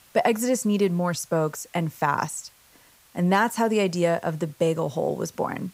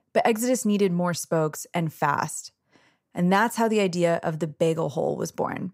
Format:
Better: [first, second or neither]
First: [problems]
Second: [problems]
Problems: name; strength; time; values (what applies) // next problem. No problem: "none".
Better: second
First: hiss; faint; throughout; 30 dB below the speech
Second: none